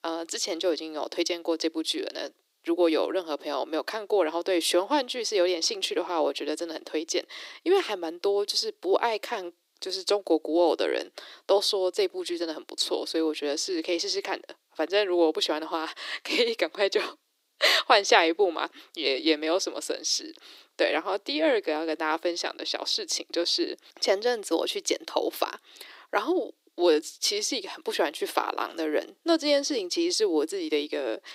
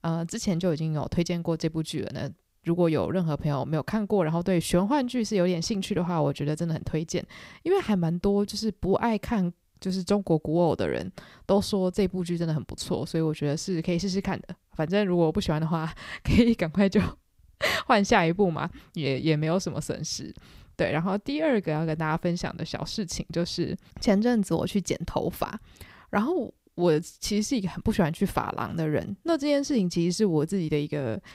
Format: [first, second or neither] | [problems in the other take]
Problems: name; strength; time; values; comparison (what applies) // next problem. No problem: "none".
second | thin; very; fading below 300 Hz